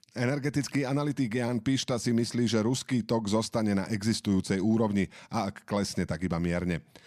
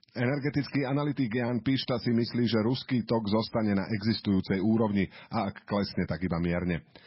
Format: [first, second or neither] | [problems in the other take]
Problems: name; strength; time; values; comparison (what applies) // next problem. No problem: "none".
first | garbled, watery; badly; nothing above 5.5 kHz